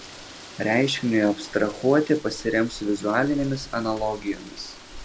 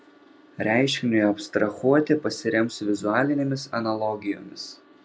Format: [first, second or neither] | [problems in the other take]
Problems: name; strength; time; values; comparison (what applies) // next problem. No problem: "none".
second | background sound (Rain); 17 dB below the speech